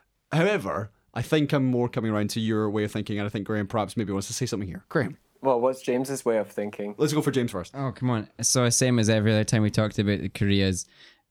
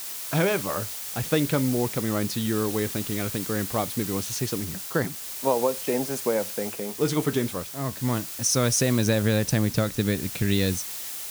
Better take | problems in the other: first | hiss; loud; throughout; 6 dB below the speech

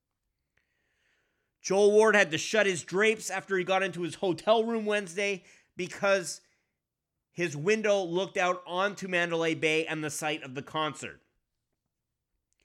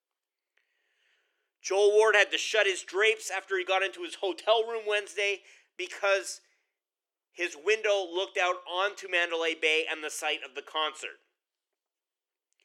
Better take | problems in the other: first | thin; very; fading below 400 Hz

